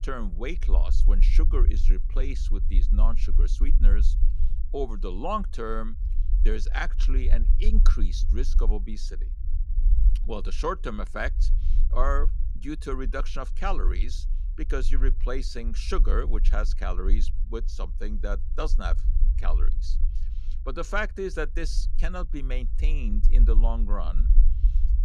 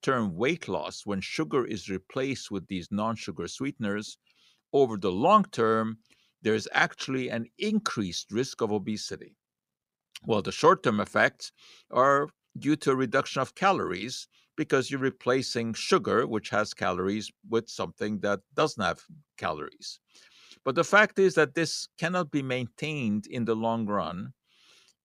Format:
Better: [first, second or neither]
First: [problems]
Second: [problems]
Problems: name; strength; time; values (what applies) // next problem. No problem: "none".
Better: second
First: low rumble; noticeable; throughout; 15 dB below the speech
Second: none